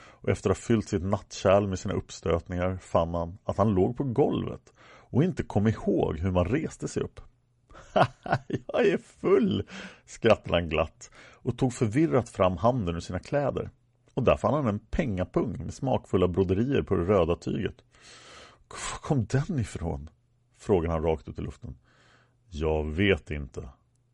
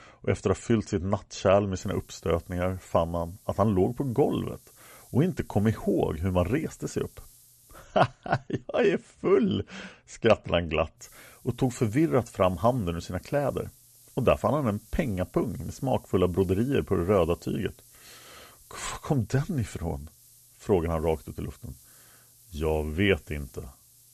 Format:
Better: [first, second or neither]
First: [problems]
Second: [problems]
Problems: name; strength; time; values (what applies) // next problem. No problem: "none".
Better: first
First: none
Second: hiss; faint; from 2 to 8 s and from 11 s on; 25 dB below the speech